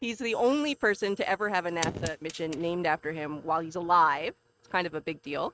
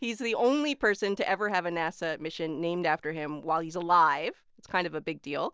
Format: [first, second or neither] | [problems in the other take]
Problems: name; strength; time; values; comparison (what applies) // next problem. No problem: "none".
second | noise reduction (neural mask model RNNoise)